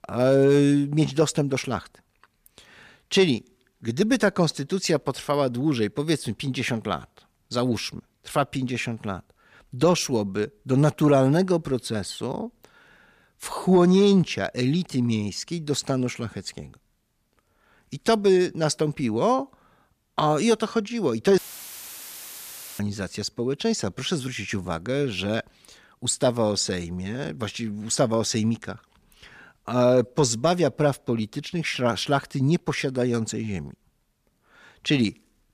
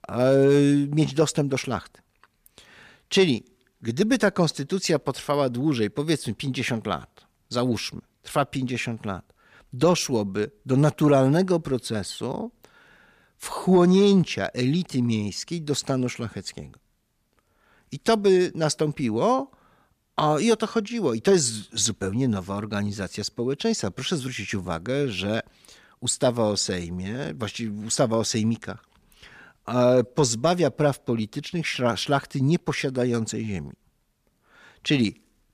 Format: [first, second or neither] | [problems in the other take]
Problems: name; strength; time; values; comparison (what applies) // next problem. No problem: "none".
second | audio cutting out; filled with static; at 21 s for 1.5 s